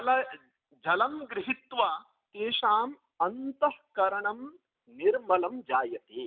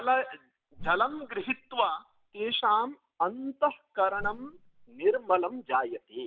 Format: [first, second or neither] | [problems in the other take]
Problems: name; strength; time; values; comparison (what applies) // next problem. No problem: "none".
first | background sound (Whoosh, swoosh, swish); 16 dB below the speech